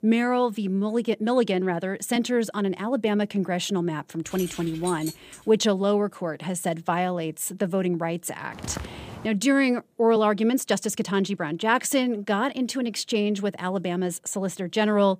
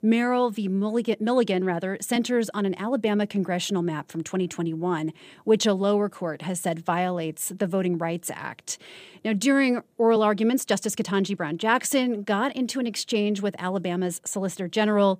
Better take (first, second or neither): second